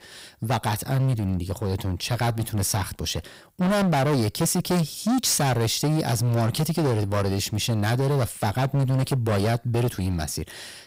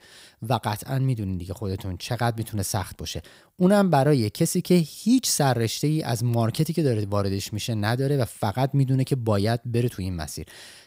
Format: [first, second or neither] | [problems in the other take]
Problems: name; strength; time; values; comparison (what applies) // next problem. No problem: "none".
second | distortion; heavy; 21% of the sound clipped